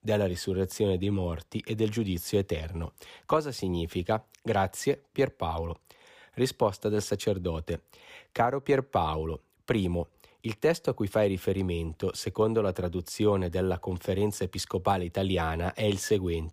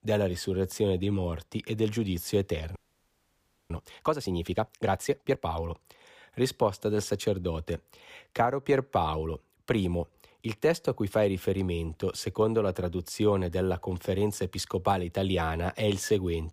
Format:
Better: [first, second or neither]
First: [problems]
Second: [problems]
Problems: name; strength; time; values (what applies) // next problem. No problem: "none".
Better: first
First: none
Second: audio freezing; at 3 s for 1 s